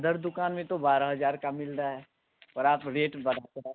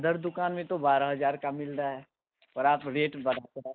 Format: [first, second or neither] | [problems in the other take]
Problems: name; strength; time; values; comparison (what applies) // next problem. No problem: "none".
first | noise reduction (neural mask model Resemble Enhance denoiser)